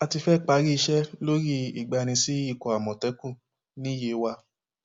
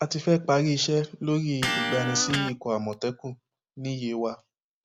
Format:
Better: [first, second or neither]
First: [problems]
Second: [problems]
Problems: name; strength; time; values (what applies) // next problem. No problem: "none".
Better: first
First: none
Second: background sound (Electric guitar); 6 dB below the speech